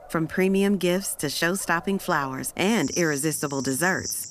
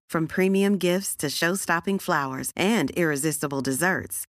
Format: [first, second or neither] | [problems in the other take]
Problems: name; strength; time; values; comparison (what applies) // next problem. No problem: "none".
second | animal sounds; noticeable; throughout; 10 dB below the speech